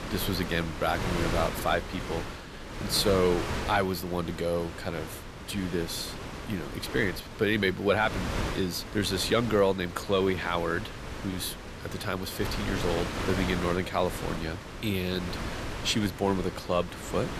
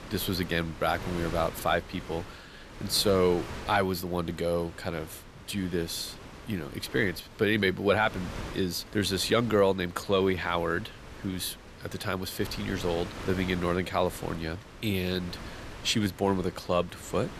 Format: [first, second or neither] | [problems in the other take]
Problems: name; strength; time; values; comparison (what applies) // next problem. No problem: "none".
second | wind noise on the microphone; heavy; 7 dB below the speech; occasional gusts in the second